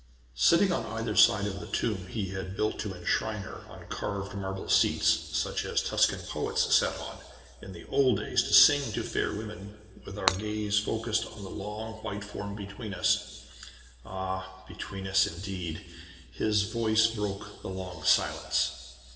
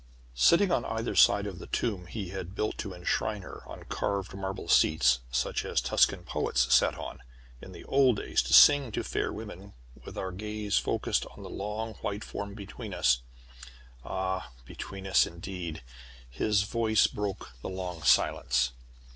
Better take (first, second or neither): second